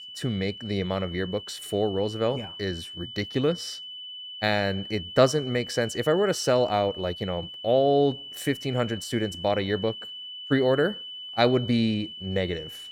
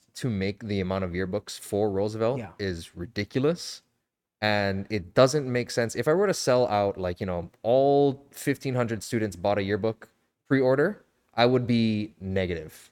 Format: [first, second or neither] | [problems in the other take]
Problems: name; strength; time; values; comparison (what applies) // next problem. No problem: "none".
second | high-pitched whine; noticeable; throughout; 3 kHz, 10 dB below the speech